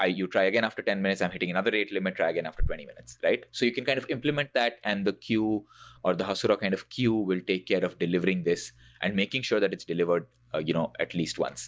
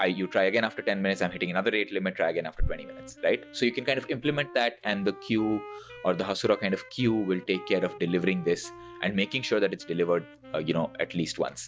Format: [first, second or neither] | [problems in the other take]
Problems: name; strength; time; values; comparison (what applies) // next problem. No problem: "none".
first | background sound (Wind instrument, woodwind instrument); 19 dB below the speech